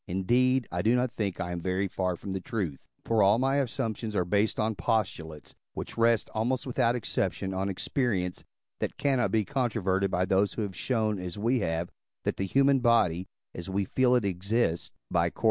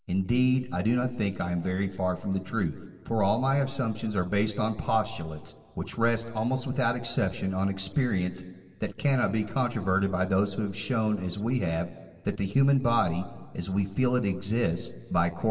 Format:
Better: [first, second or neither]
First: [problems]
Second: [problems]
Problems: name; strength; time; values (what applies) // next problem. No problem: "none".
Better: first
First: none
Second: room echo; dies away in 1.9 s